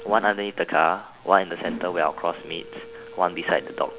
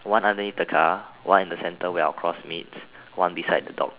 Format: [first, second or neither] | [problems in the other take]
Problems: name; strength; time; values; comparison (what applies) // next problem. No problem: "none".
second | background sound (Mechanisms); 16 dB below the speech